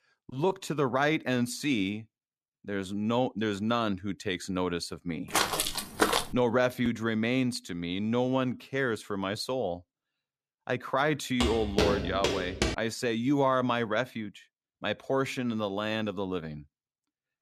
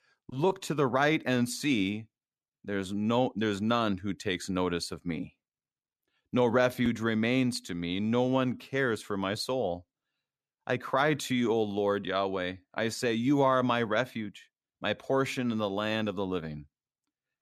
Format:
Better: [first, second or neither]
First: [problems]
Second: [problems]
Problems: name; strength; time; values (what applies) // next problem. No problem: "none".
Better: second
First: footsteps; loud; from 5.5 to 6.5 s and from 11 to 13 s; peak 4 dB above the speech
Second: none